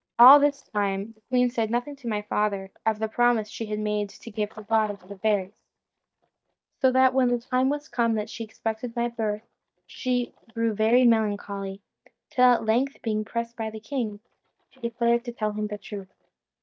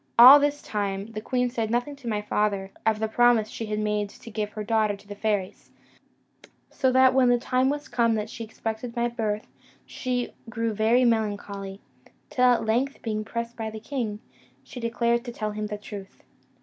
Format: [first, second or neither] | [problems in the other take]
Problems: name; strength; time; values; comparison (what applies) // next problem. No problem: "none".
second | noise reduction (neural mask model DeepFilterNet 3)